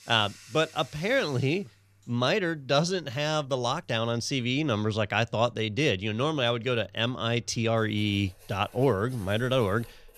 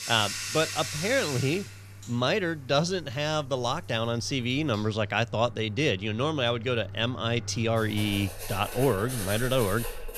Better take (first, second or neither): first